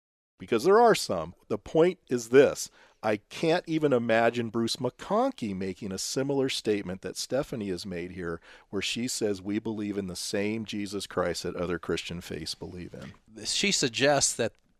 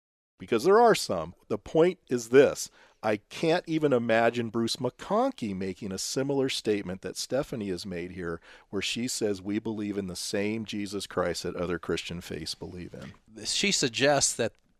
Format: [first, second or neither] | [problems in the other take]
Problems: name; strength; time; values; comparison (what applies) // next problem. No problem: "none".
neither | none